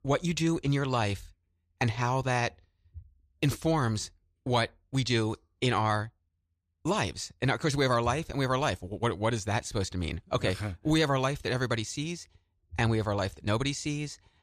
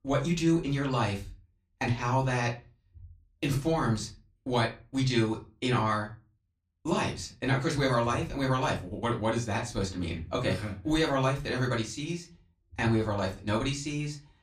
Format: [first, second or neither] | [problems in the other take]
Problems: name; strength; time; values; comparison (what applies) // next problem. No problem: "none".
first | off-mic speech; far // room echo; very slight; dies away in 0.3 s